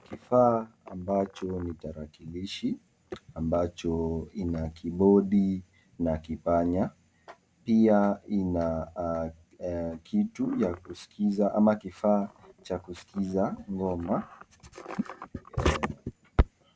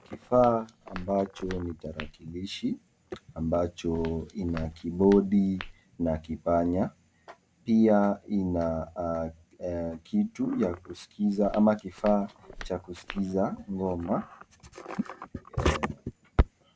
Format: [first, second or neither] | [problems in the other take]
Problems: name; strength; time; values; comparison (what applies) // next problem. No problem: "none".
first | background sound (Walk, footsteps); 15 dB below the speech